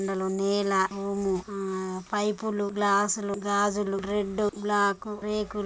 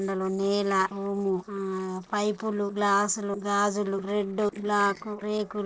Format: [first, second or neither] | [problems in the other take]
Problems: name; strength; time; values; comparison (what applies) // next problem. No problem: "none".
first | noise reduction (neural separator model SepFormer DNS4)